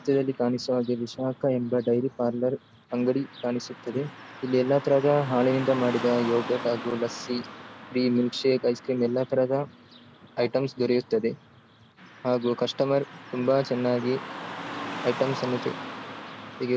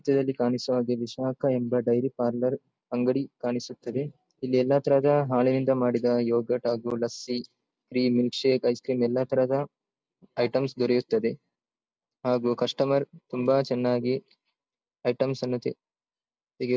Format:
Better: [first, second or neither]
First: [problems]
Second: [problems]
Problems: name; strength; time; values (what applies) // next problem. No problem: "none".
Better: second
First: background sound (Car passing by / Traffic noise, roadway noise); 13 dB below the speech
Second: none